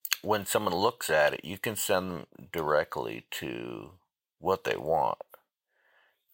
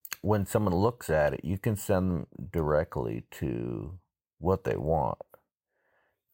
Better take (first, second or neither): second